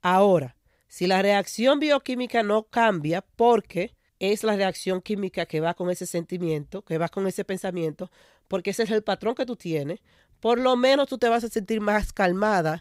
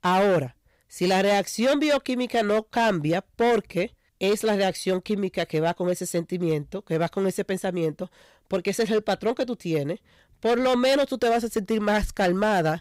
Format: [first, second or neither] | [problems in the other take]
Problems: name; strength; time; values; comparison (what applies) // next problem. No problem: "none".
first | distortion; slight; 9% of the sound clipped